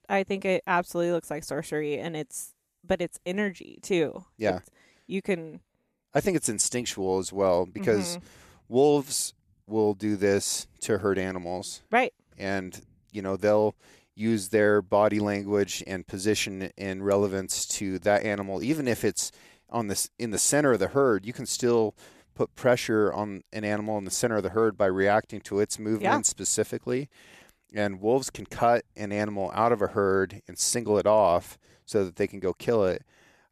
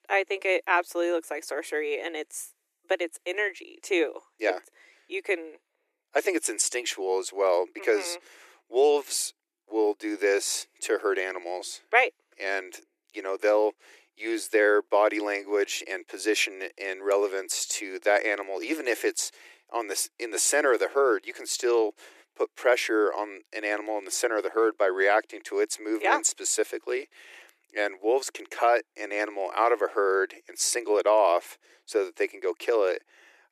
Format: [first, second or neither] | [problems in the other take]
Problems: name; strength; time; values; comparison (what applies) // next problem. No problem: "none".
first | thin; very; fading below 300 Hz